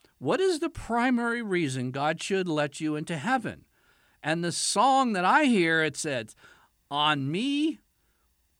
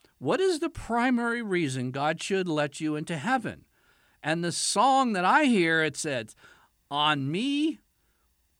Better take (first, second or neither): neither